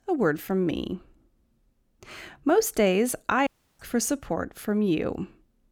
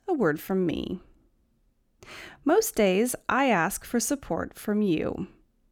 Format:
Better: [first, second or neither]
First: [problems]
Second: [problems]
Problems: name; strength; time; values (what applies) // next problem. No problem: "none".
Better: second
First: audio cutting out; at 3.5 s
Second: none